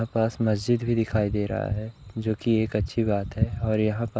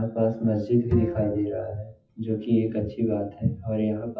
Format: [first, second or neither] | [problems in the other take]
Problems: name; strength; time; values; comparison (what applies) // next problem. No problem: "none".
first | noise reduction (classical method WPE with log-MMSE)